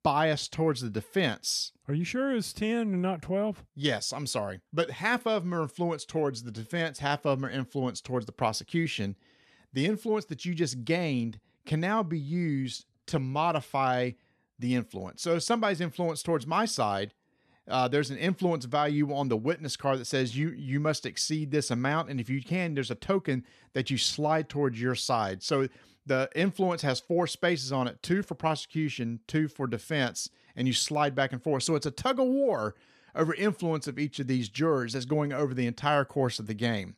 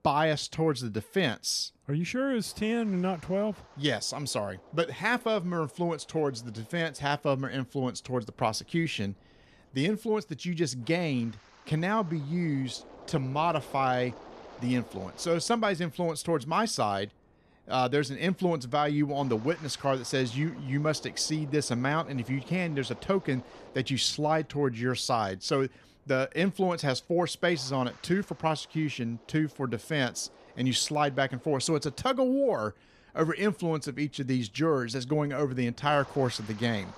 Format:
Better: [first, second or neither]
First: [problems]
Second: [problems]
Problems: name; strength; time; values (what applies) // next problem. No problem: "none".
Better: first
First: none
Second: wind noise on the microphone; occasional gusts; 20 dB below the speech